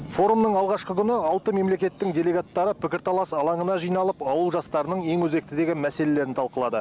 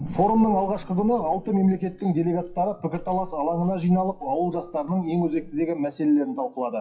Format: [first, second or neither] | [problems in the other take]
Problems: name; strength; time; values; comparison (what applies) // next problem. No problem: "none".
first | noise reduction (classical method WPE with log-MMSE)